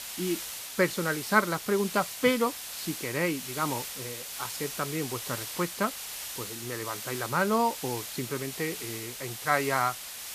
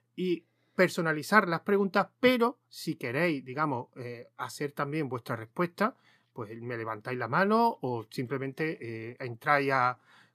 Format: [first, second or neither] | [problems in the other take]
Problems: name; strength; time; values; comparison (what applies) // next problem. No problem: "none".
second | hiss; loud; throughout; 6 dB below the speech